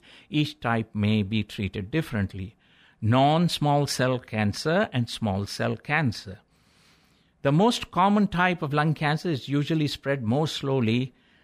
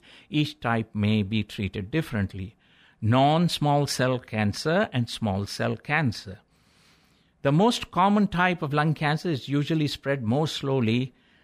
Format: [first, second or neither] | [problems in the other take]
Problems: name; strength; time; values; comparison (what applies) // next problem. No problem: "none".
neither | none